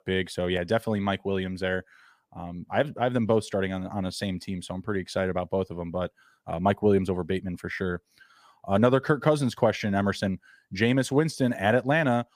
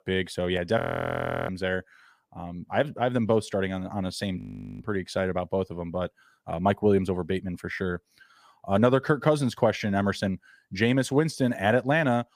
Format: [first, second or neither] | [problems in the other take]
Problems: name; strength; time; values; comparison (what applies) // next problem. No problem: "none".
first | audio freezing; at 1 s for 0.5 s and at 4.5 s